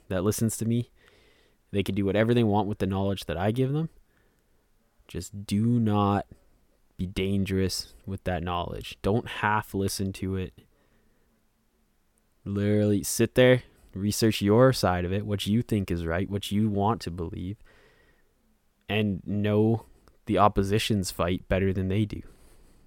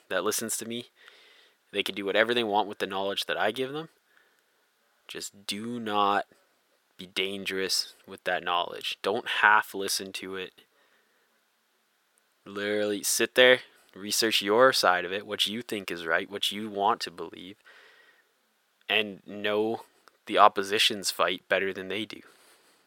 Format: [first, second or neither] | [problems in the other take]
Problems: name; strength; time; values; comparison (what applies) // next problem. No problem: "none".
first | thin; very; fading below 500 Hz